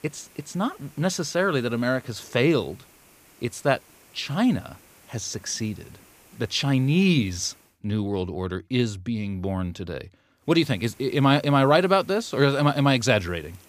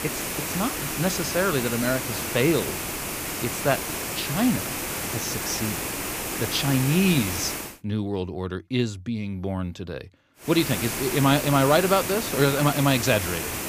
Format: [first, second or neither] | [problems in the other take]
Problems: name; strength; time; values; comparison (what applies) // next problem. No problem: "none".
first | hiss; loud; until 7.5 s and from 11 s on; 3 dB below the speech; faint in the first